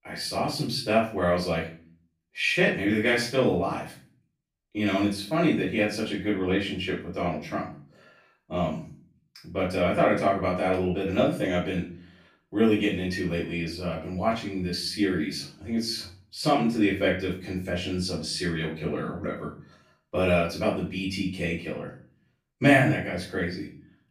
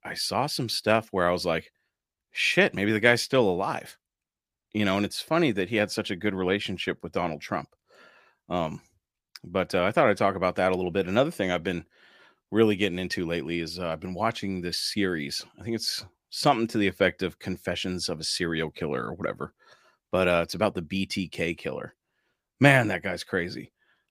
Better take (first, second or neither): second